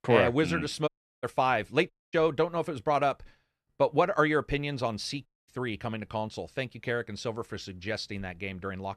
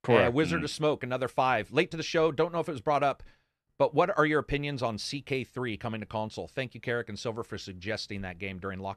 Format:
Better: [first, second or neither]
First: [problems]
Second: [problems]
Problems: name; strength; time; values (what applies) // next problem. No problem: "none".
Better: second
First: audio cutting out; at 1 s, at 2 s and at 5.5 s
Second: none